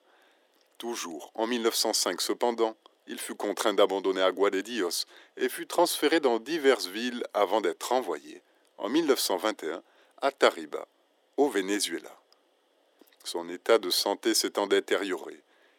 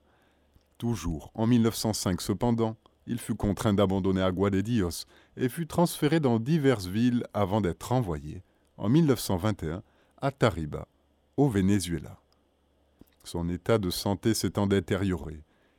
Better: second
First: thin; very; fading below 350 Hz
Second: none

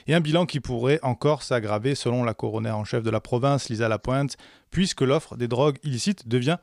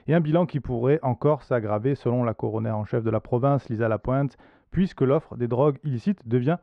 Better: first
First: none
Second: muffled; very; fading above 3.5 kHz

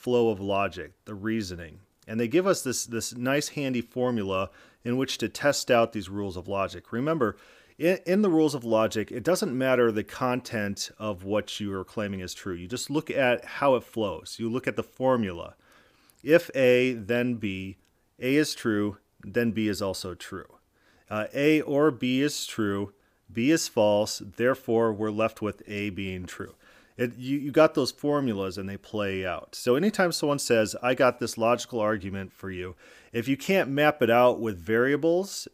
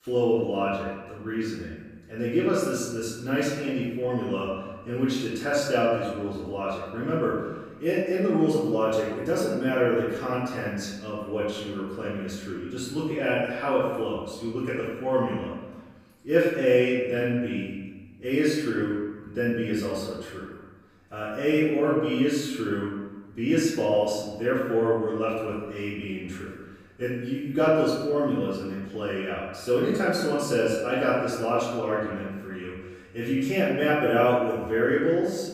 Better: first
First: none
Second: off-mic speech; far // room echo; strong; dies away in 1.2 s

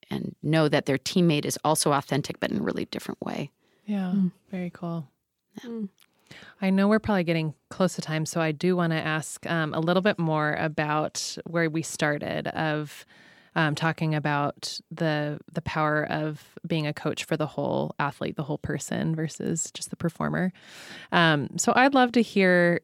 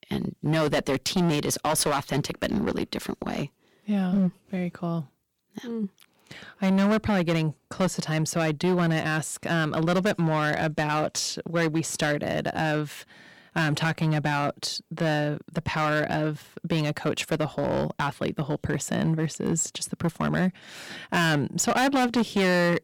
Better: first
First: none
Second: distortion; heavy; 9% of the sound clipped

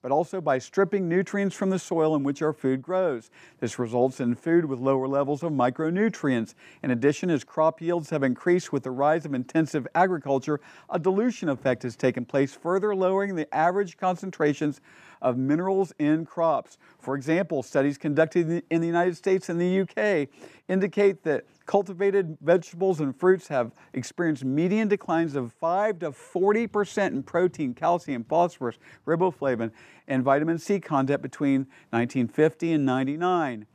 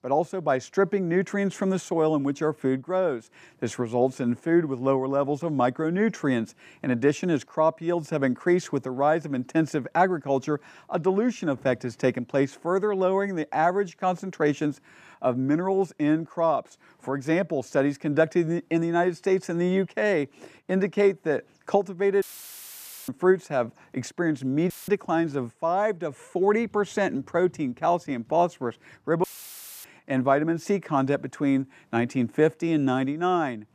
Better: first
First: none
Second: audio cutting out; filled with static; at 22 s for 1 s, at 25 s and at 29 s for 0.5 s

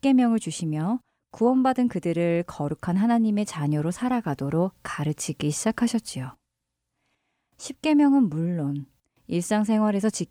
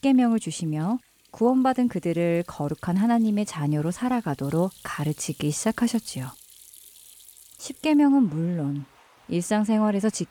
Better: first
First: none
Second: household noises; faint; throughout; 25 dB below the speech

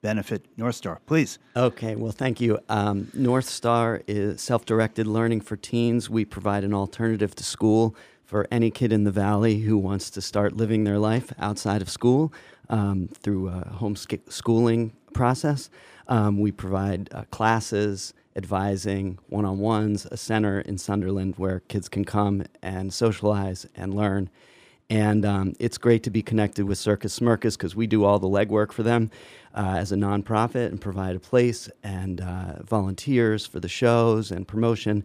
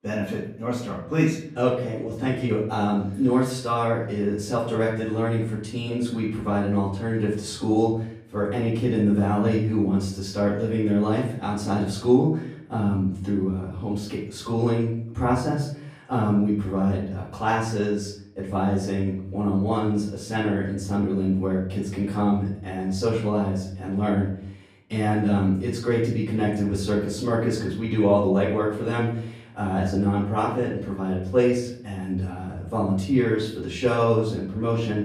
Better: first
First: none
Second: off-mic speech; far // room echo; noticeable; dies away in 0.6 s

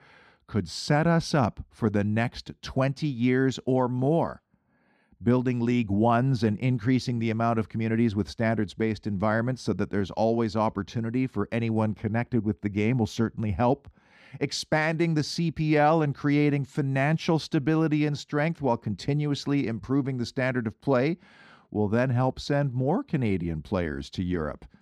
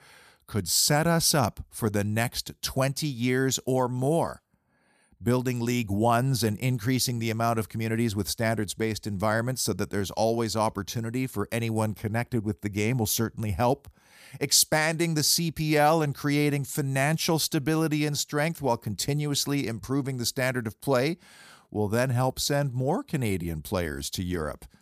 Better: second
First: muffled; slightly; fading above 3 kHz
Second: none

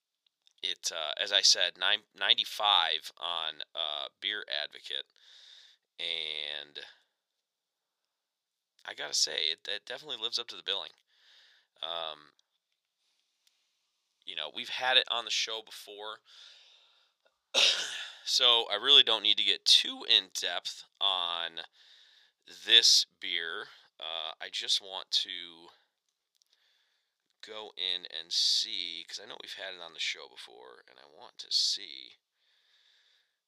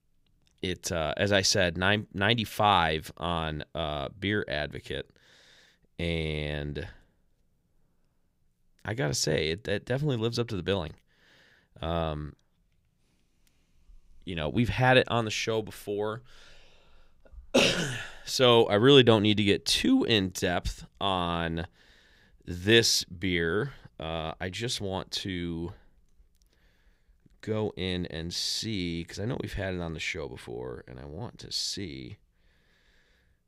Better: second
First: thin; very; fading below 800 Hz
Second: none

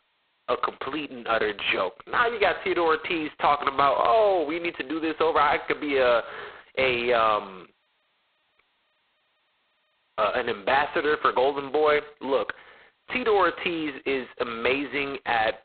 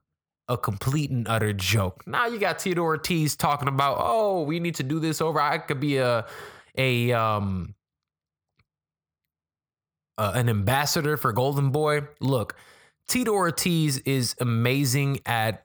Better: second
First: phone-call audio; poor line; nothing above 4 kHz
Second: none

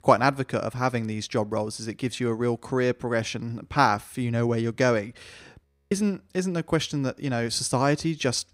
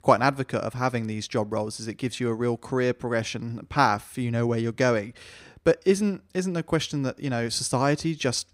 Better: second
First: audio freezing; at 5.5 s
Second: none

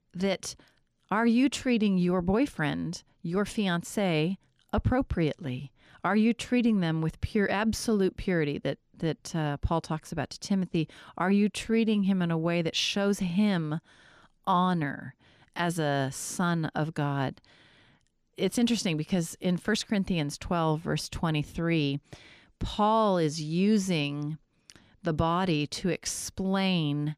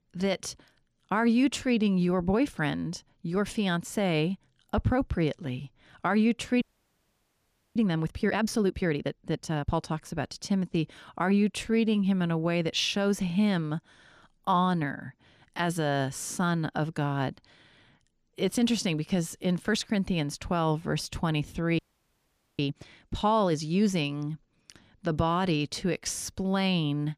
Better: first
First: none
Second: audio freezing; at 6.5 s for 1 s and at 22 s for 1 s

